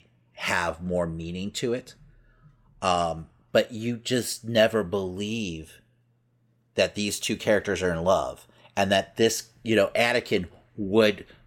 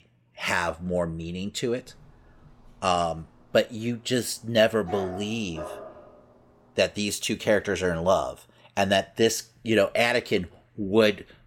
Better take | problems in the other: first | dog barking; faint; from 2 to 6 s; peak 10 dB below the speech

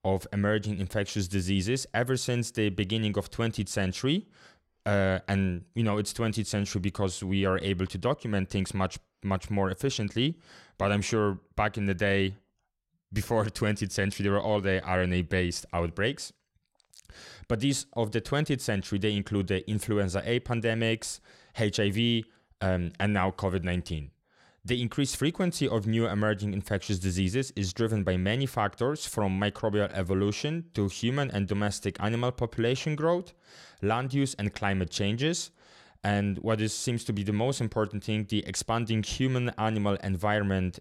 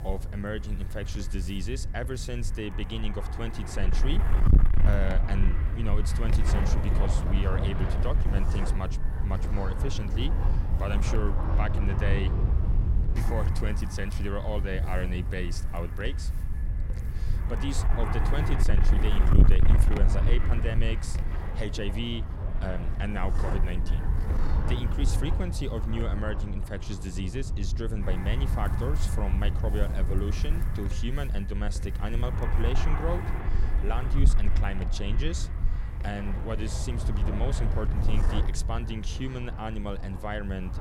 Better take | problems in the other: first | wind noise on the microphone; heavy; 3 dB below the speech

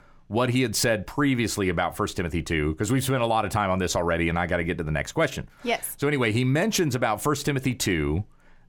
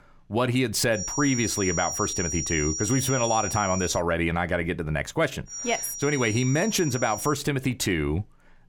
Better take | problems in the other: first | high-pitched whine; loud; from 1 to 4 s and from 5.5 to 7.5 s; 5.5 kHz, 5 dB below the speech

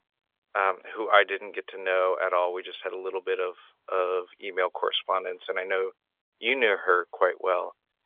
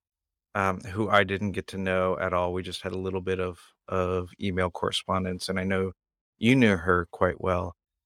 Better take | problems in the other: second | phone-call audio; nothing above 3.5 kHz

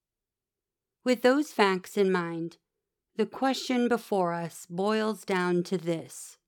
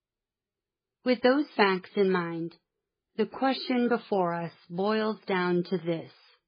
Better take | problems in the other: first | garbled, watery; badly; nothing above 5 kHz

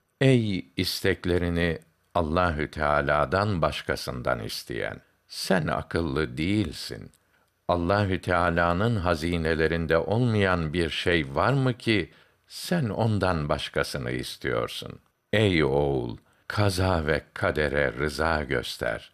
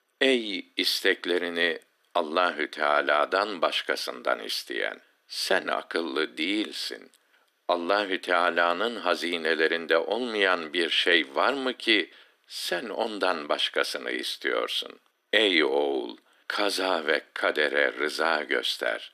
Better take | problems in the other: first | thin; somewhat; fading below 250 Hz

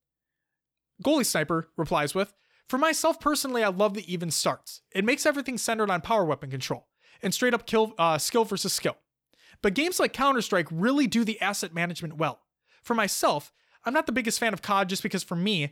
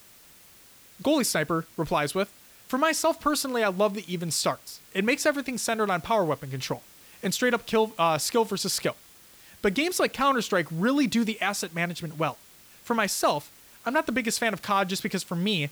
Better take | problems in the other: first | hiss; faint; throughout; 25 dB below the speech

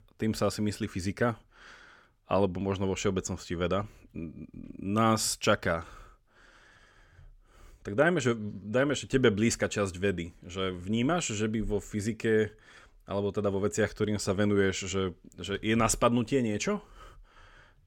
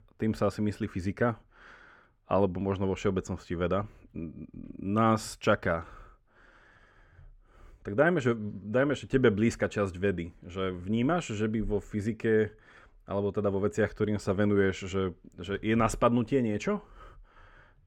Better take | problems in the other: first | muffled; slightly; fading above 3 kHz

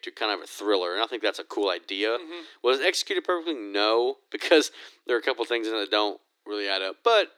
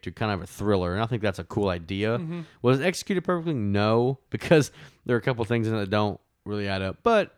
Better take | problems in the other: second | thin; very; fading below 300 Hz

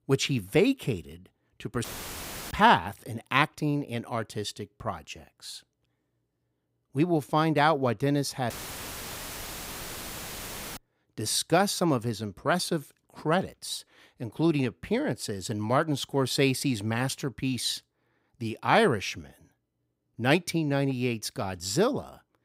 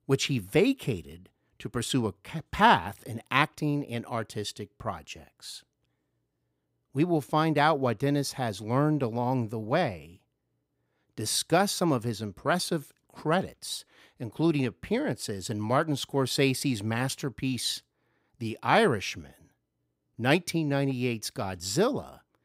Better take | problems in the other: second | audio cutting out; filled with static; at 2 s for 0.5 s and at 8.5 s for 2.5 s

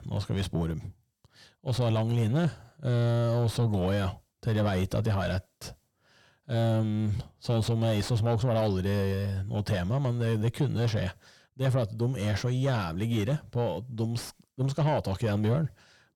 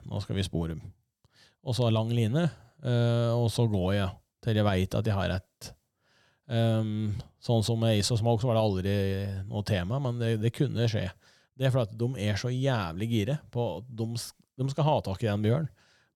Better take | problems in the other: second | distortion; slight; 9 dB below the speech

